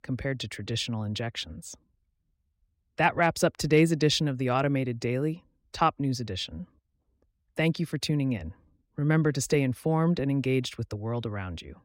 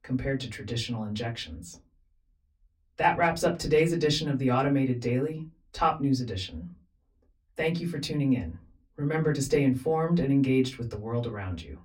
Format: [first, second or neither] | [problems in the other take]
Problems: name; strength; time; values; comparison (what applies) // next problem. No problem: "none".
first | off-mic speech; far // room echo; very slight; dies away in 0.2 s